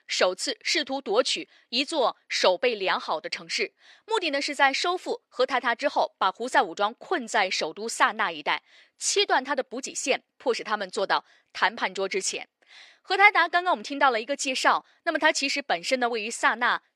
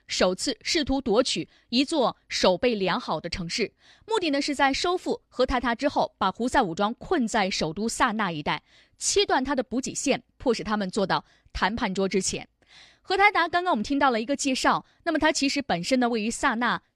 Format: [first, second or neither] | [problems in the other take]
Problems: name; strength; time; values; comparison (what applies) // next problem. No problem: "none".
second | thin; somewhat; fading below 450 Hz